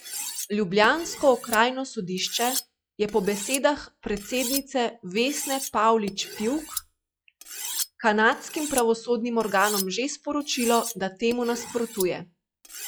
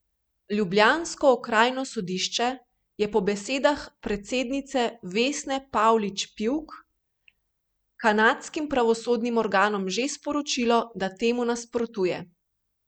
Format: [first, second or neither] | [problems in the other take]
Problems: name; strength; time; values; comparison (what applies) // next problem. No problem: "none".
second | noise reduction (classical method log-MMSE)